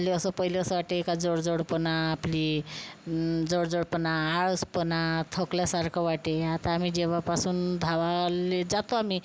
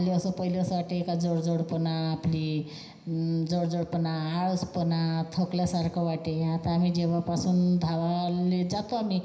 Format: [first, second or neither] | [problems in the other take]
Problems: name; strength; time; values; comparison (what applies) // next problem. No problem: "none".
first | room echo; dies away in 0.9 s